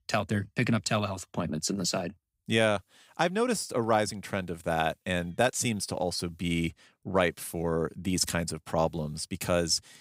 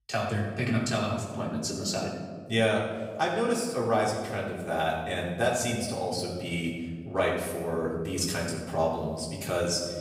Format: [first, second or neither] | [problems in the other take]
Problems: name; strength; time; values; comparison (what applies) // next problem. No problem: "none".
first | off-mic speech; far // room echo; noticeable; dies away in 1.4 s